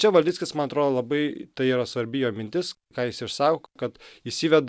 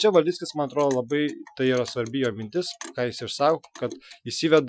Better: first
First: none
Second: noise reduction (classical method Wiener filter)

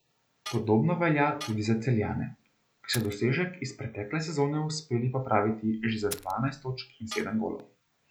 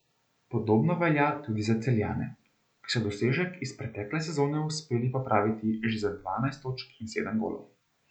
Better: second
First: background sound (Tools + Fire); 16 dB below the speech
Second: none

